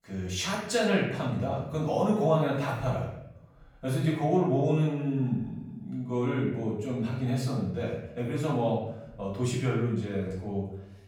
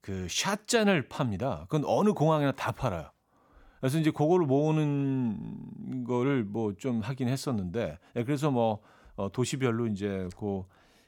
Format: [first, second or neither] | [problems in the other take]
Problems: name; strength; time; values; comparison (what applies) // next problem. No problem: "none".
second | room echo; noticeable; dies away in 0.7 s // off-mic speech; far